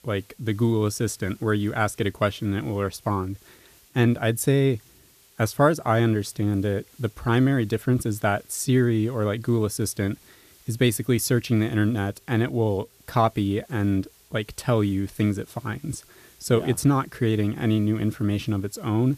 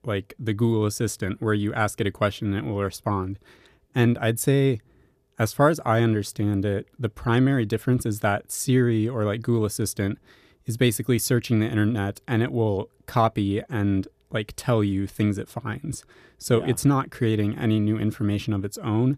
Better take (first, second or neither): second